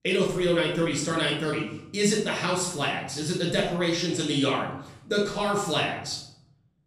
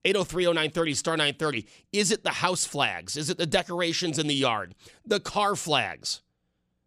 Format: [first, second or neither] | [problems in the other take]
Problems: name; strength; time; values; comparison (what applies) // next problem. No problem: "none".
second | off-mic speech; far // room echo; noticeable; dies away in 0.7 s